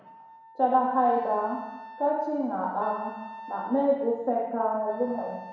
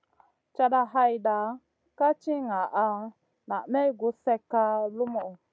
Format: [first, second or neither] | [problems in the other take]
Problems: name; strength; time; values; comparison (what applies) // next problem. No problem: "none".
second | background sound (Wind instrument, woodwind instrument); 17 dB below the speech // room echo; dies away in 1.1 s